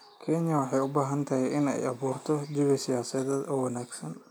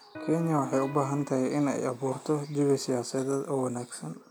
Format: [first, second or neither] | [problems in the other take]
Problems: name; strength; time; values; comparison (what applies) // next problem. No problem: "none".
first | background sound (Electric guitar); 12 dB below the speech